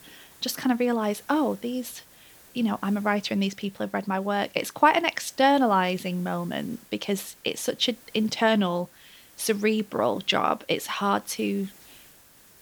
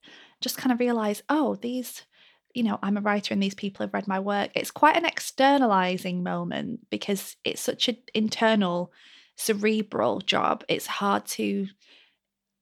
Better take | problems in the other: second | hiss; faint; throughout; 25 dB below the speech

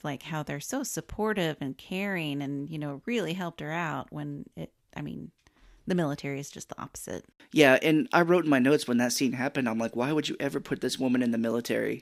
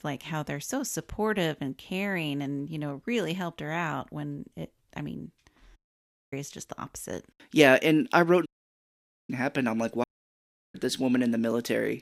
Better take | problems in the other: first | audio cutting out; at 6 s for 0.5 s, at 8.5 s for 1 s and at 10 s for 0.5 s

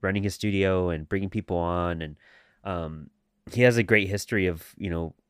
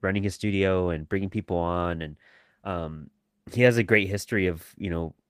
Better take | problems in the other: first | garbled, watery; slightly; nothing above 15 kHz

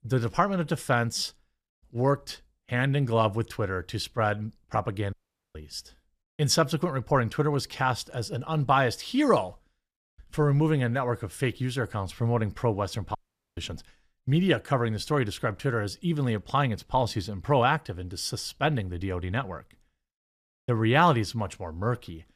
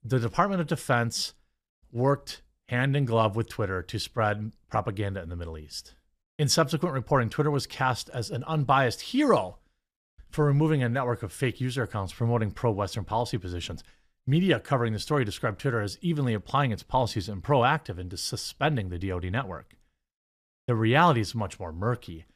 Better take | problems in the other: second | audio cutting out; at 5 s and at 13 s

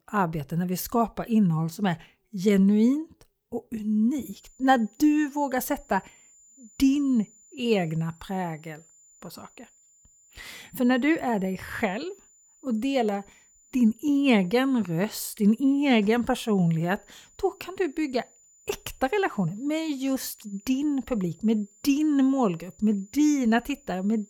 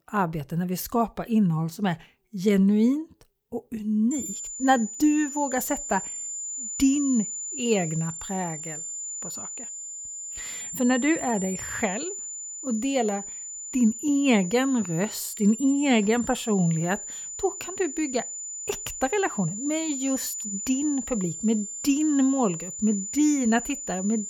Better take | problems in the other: first | high-pitched whine; loud; from 4 s on; 7 kHz, 7 dB below the speech; faint in the first

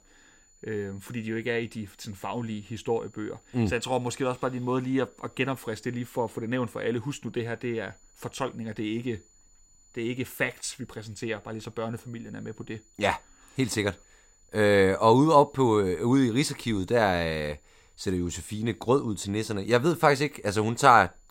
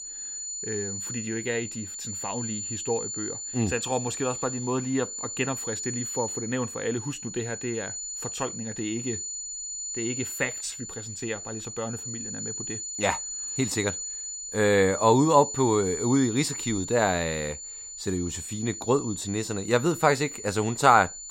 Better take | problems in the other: first | high-pitched whine; loud; throughout; 7 kHz, 6 dB below the speech; faint in the first

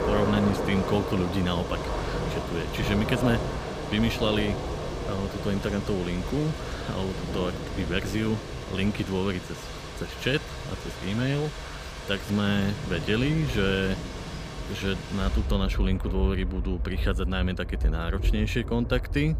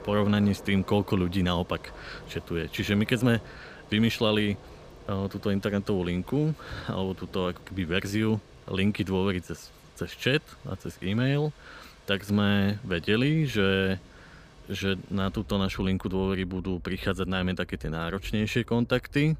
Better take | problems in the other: second | rain or running water; loud; throughout; 4 dB below the speech; faint in the second

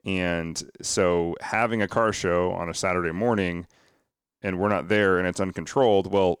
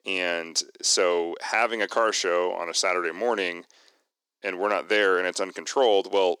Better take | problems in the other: first | thin; somewhat; fading below 300 Hz

